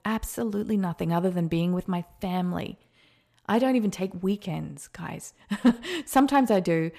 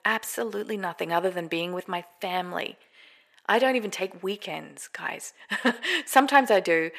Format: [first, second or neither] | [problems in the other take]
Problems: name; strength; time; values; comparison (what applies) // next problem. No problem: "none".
first | thin; somewhat; fading below 500 Hz